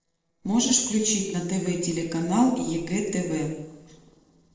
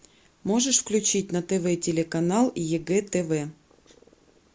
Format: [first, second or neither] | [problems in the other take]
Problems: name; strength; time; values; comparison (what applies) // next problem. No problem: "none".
second | noise reduction (neural separator model SepFormer DNS4)